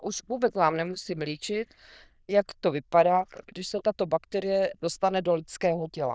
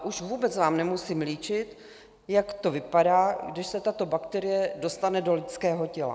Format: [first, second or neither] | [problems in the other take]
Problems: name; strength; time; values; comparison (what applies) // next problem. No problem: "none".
second | noise reduction (neural diffusion model UNIVERSE++)